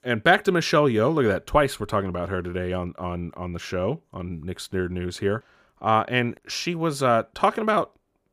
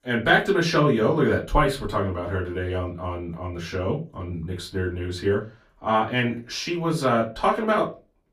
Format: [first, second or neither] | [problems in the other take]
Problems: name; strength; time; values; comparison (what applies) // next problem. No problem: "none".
first | off-mic speech; far // room echo; very slight; dies away in 0.2 s